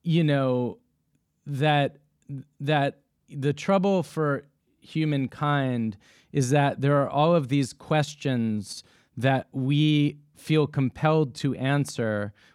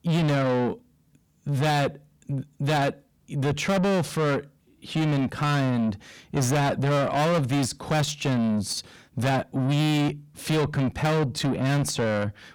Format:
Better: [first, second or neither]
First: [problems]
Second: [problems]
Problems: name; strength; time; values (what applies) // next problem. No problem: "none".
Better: first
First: none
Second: distortion; heavy; 6 dB below the speech